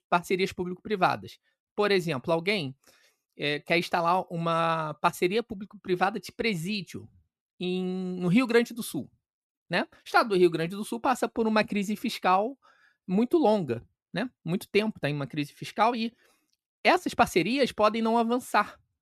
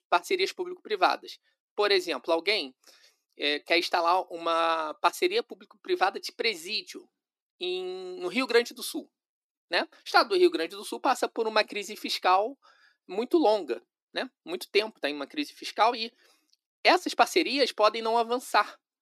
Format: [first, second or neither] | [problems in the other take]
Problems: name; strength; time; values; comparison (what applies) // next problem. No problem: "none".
first | thin; somewhat; fading below 300 Hz